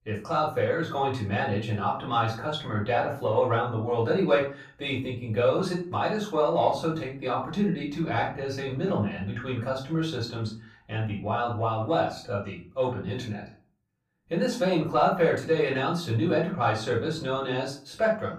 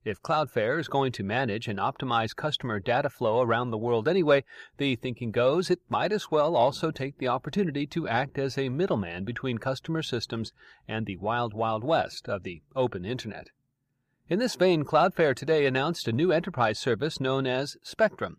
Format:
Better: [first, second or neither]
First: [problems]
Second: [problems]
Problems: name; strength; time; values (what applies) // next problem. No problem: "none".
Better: second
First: off-mic speech; far // room echo; slight; dies away in 0.3 s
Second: none